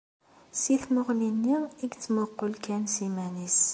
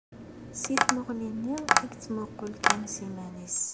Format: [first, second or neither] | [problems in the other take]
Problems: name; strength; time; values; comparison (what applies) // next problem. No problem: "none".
first | background sound (Tap); 4 dB above the speech